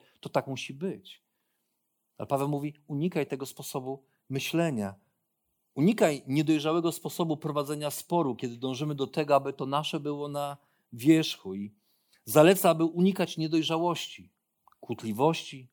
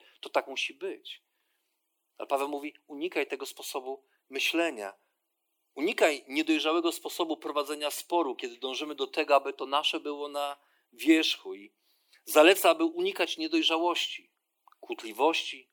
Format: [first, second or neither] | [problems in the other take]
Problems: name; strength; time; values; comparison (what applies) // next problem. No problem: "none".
first | thin; somewhat; fading below 300 Hz